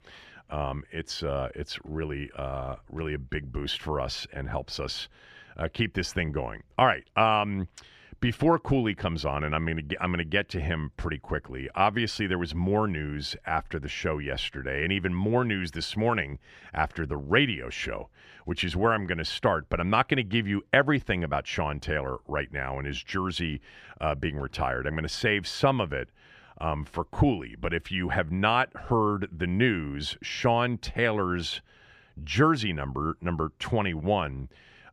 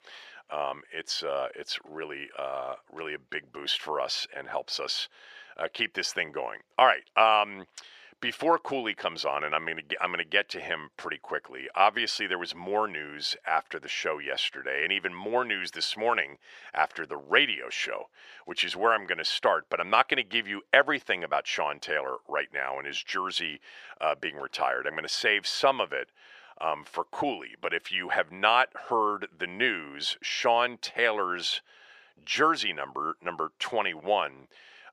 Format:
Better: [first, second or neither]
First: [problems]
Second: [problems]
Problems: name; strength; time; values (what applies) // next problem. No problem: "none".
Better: first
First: none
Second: thin; very; fading below 550 Hz